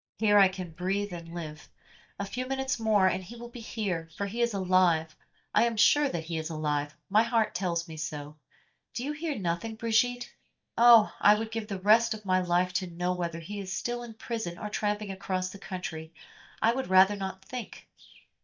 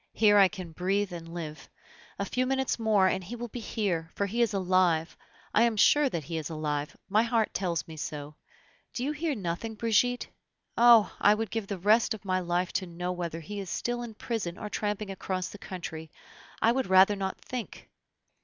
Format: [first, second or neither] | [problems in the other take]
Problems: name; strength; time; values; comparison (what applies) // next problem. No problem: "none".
second | noise reduction (neural mask model DeepFilterNet 3)